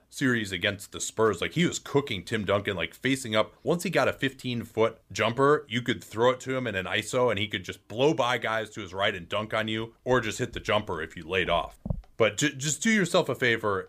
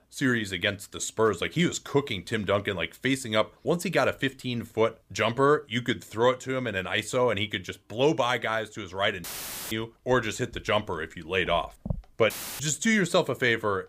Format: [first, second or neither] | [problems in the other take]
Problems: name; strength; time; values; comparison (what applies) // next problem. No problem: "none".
first | audio cutting out; filled with static; at 9 s and at 12 s